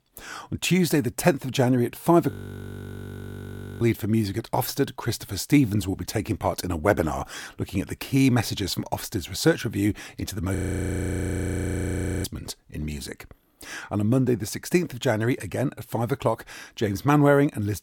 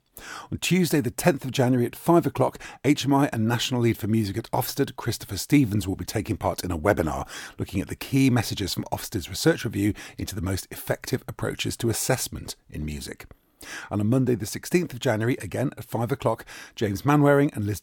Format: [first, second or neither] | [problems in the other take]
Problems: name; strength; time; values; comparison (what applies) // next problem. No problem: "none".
second | audio freezing; at 2.5 s for 1.5 s and at 11 s for 1.5 s